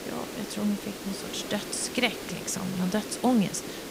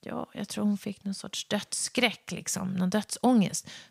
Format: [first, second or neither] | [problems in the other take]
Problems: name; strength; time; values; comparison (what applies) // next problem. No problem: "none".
second | hiss; loud; throughout; 7 dB below the speech